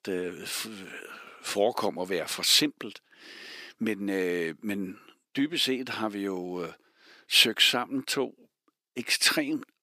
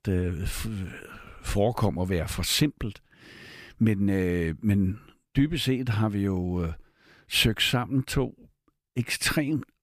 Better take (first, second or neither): second